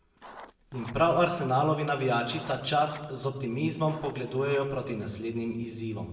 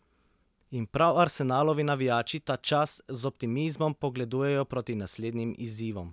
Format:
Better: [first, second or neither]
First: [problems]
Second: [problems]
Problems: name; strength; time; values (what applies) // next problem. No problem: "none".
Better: second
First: background sound (Writing); 20 dB below the speech // room echo; dies away in 1 s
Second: none